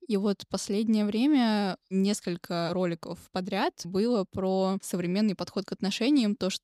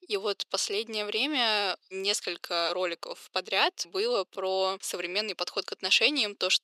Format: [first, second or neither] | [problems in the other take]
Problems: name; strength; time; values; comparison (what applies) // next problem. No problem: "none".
first | thin; very; fading below 400 Hz